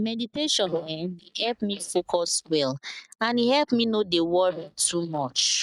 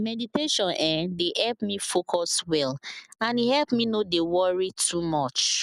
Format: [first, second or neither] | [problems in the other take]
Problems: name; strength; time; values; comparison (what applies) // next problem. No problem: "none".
second | noise reduction (neural mask model DeepFilterNet 3)